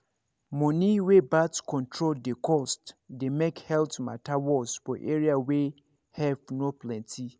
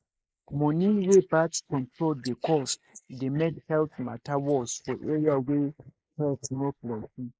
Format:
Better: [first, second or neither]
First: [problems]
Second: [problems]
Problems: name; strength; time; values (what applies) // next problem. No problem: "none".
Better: first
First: none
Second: noise reduction (neural mask model Resemble Enhance denoiser)